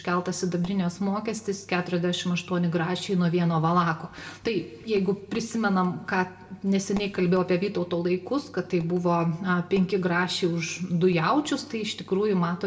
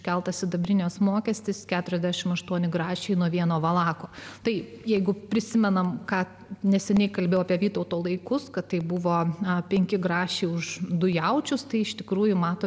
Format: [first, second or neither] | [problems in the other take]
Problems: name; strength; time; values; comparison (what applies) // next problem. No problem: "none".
second | room echo; dies away in 0.4 s